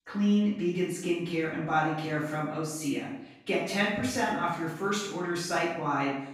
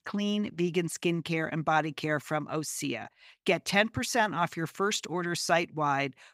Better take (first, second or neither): second